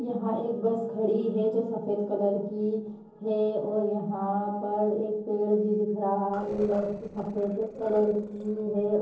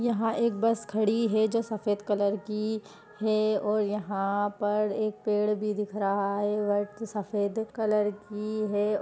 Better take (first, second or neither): second